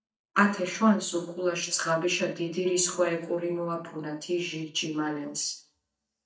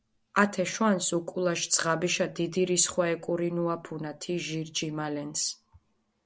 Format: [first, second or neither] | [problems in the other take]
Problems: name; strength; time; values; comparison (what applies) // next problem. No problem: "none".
second | noise reduction (neural mask model DeepFilterNet 3)